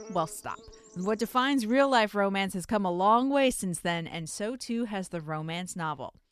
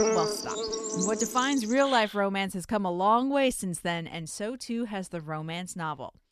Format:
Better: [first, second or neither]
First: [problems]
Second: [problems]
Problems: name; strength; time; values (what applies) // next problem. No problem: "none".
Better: first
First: animal sounds; faint; until 1.5 s; 25 dB below the speech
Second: animal sounds; loud; until 1.5 s; 3 dB below the speech